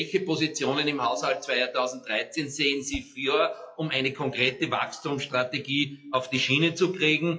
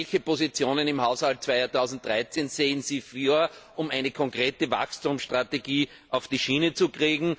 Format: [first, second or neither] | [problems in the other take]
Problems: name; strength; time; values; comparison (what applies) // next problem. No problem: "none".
second | noise reduction (classical method WPE with log-MMSE)